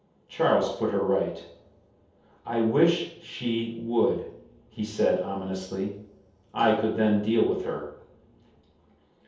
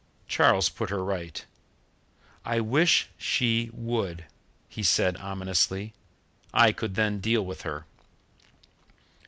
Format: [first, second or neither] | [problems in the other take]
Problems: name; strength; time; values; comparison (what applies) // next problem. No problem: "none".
second | room echo; dies away in 0.7 s